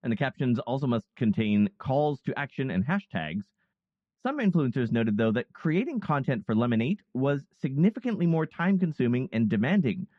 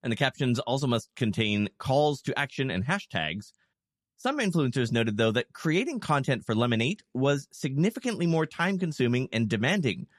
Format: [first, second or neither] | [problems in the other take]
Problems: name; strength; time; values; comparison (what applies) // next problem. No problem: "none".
second | muffled; very; fading above 2 kHz